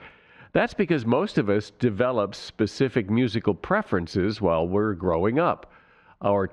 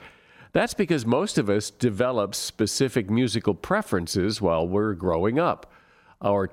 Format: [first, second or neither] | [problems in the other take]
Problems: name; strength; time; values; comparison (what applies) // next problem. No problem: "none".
second | muffled; slightly; fading above 2.5 kHz